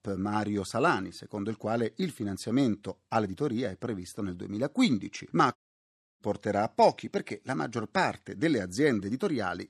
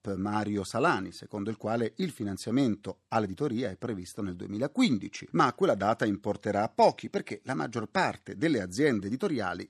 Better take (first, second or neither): second